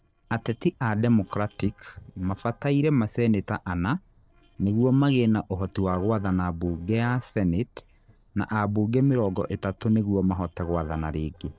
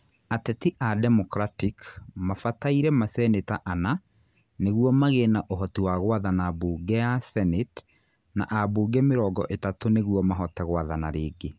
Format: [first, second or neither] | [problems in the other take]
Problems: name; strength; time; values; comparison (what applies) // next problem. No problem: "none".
second | noise reduction (neural separator model SepFormer DNS4)